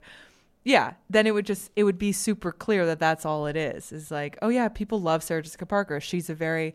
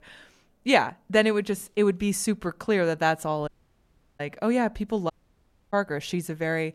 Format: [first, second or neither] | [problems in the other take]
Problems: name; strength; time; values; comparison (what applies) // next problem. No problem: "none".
first | audio cutting out; at 3.5 s for 0.5 s and at 5 s for 0.5 s